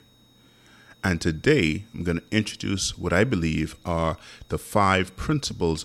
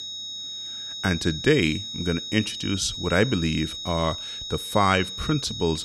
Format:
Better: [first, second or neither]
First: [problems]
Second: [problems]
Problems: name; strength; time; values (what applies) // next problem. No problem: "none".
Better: first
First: high-pitched whine; faint; throughout; 4 kHz, 35 dB below the speech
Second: high-pitched whine; loud; throughout; 4 kHz, 7 dB below the speech